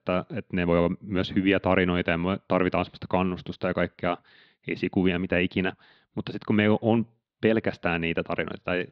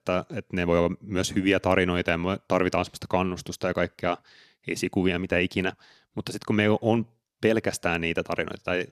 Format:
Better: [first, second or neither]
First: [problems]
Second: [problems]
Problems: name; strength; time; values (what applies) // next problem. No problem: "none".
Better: second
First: muffled; slightly; fading above 4 kHz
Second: none